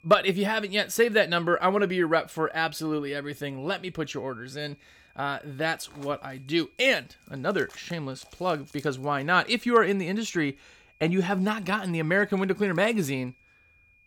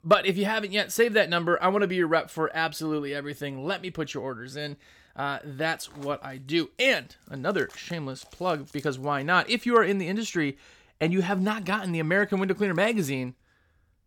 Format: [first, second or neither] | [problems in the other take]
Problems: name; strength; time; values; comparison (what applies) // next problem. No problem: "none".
second | high-pitched whine; faint; throughout; 2.5 kHz, 35 dB below the speech